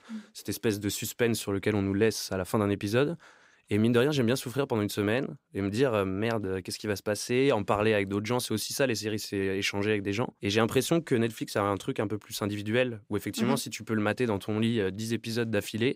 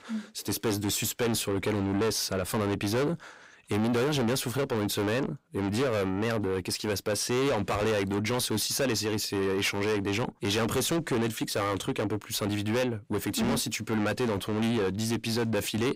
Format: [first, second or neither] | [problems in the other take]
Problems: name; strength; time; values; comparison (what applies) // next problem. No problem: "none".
first | distortion; heavy; 6 dB below the speech